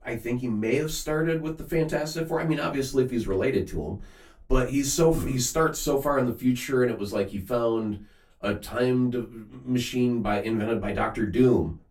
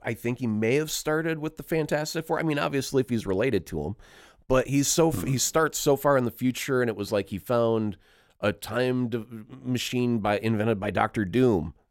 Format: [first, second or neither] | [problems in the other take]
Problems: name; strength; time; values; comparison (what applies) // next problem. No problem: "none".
second | off-mic speech; far // room echo; very slight; dies away in 0.2 s